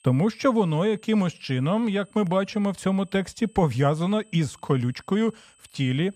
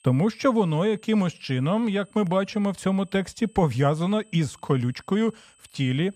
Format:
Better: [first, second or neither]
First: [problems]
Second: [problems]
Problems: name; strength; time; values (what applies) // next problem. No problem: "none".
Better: neither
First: high-pitched whine; faint; throughout; 8 kHz, 30 dB below the speech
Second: high-pitched whine; faint; throughout; 8 kHz, 30 dB below the speech